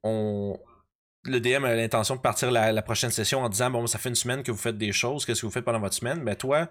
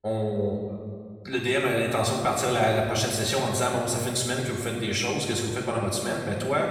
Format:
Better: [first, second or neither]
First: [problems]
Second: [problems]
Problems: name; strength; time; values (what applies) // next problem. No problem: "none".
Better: first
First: none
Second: off-mic speech; far // room echo; noticeable; dies away in 1.7 s